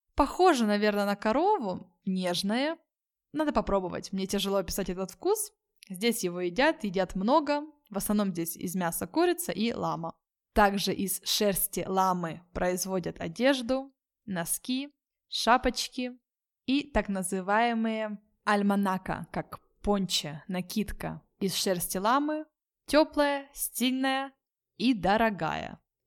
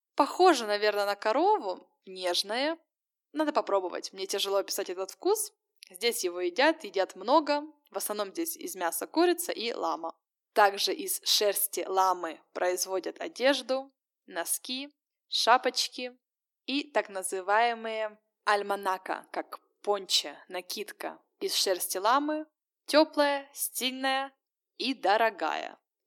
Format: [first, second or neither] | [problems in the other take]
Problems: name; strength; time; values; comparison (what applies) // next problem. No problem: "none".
first | thin; somewhat; fading below 300 Hz